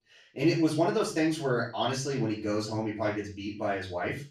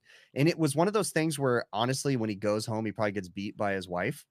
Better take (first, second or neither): second